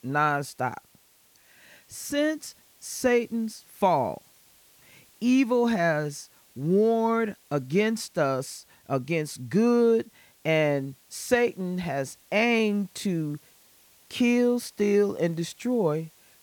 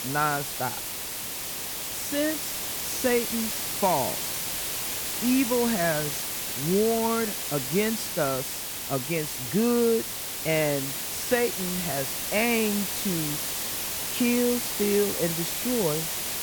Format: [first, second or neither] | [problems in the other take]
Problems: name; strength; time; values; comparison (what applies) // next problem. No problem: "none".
first | hiss; loud; throughout; 1 dB below the speech; faint in the first